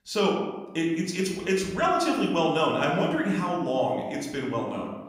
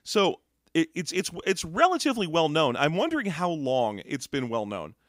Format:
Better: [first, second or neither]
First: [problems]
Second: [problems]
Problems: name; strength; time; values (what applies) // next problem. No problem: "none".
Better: second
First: room echo; noticeable; dies away in 0.9 s // off-mic speech; somewhat distant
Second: none